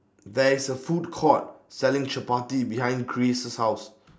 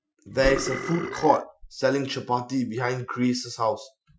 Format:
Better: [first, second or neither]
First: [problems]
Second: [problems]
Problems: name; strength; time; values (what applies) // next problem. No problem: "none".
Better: first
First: none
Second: noise reduction (classical method Wiener filter)